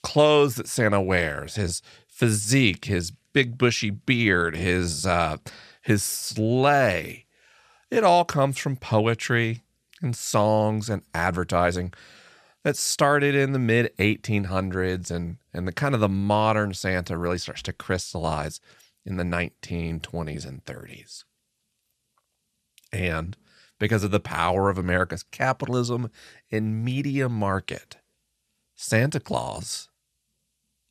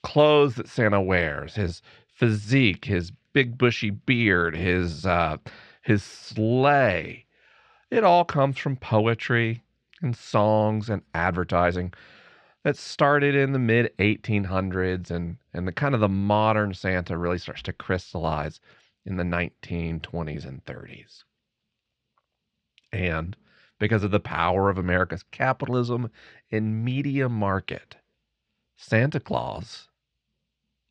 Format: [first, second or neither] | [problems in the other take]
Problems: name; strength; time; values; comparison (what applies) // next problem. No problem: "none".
first | muffled; slightly; fading above 3.5 kHz